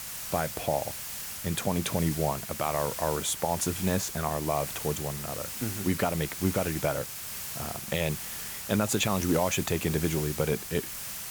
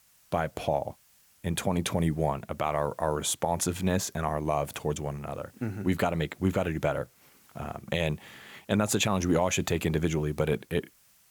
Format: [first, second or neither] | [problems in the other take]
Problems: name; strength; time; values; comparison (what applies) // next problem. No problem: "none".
second | hiss; loud; throughout; 5 dB below the speech; faint in the second